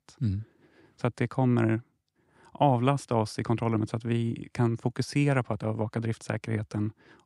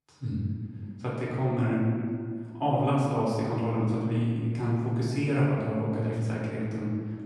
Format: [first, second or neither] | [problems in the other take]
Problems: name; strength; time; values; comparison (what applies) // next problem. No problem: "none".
first | room echo; noticeable; dies away in 2 s // off-mic speech; far